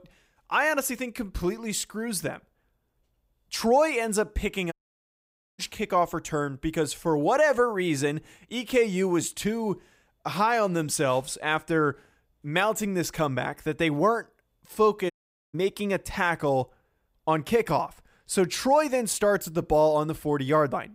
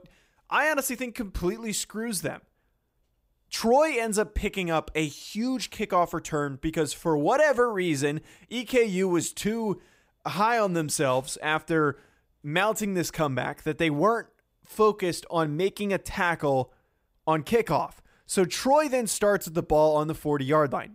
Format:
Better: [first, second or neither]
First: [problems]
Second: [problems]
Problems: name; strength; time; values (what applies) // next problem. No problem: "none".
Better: second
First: audio cutting out; at 4.5 s for 1 s and at 15 s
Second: none